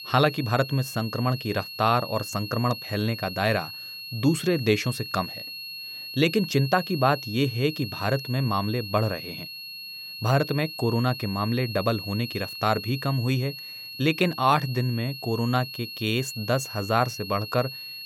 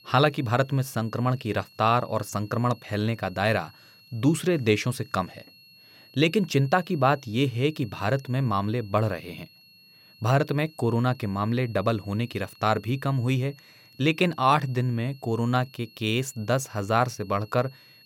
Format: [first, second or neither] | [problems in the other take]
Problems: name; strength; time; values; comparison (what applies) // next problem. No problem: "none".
second | high-pitched whine; loud; throughout; 4.5 kHz, 9 dB below the speech; faint in the second